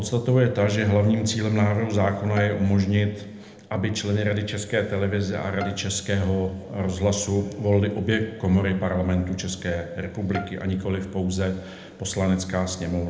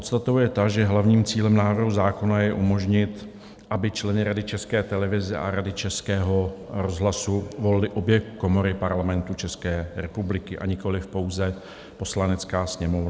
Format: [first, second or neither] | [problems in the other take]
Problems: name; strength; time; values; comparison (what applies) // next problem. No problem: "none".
second | background sound (Bowed string instrument); 19 dB below the speech // room echo; dies away in 0.7 s